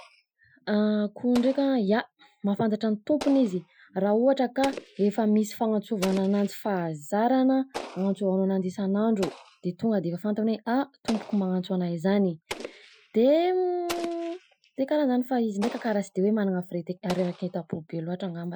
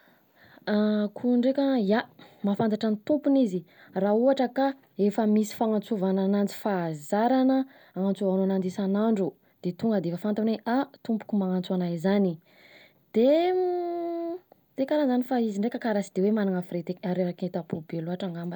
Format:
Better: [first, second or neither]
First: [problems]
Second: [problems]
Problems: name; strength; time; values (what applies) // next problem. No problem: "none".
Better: second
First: noise reduction (classical method Wiener filter)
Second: none